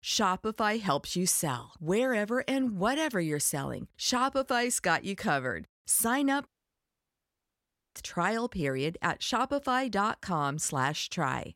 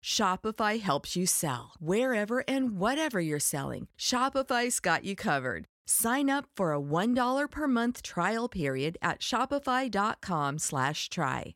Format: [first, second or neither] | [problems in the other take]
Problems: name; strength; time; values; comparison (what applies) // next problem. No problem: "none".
second | audio cutting out; at 6.5 s for 1.5 s